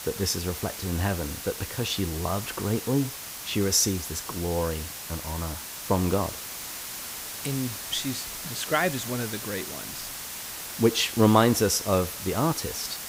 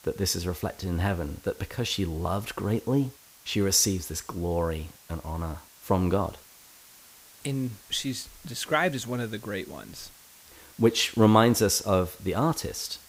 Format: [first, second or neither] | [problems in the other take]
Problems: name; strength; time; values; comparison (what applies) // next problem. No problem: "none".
second | hiss; loud; throughout; 7 dB below the speech; faint in the second